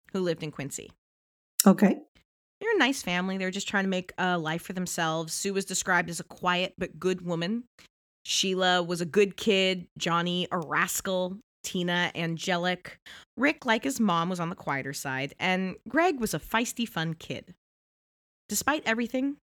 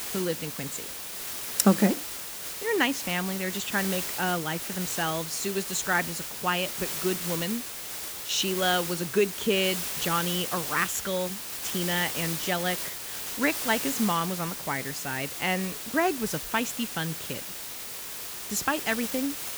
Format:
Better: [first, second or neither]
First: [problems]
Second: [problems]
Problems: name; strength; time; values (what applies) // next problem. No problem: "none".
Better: first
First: none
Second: hiss; loud; throughout; 4 dB below the speech